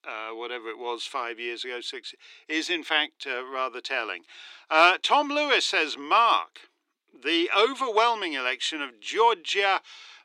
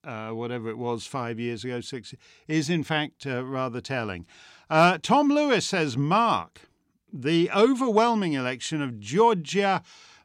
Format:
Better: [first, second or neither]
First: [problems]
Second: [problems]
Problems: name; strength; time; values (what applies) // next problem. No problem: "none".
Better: second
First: thin; very; fading below 350 Hz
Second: none